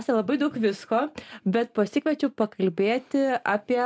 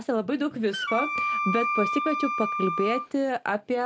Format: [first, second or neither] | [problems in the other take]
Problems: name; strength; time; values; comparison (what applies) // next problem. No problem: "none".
first | background sound (Wind instrument, woodwind instrument); 2 dB below the speech